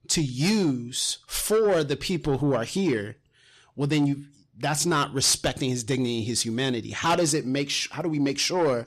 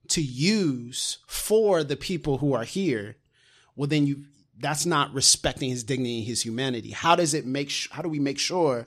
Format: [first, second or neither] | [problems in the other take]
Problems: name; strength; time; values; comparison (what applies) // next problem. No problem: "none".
second | distortion; slight; 10 dB below the speech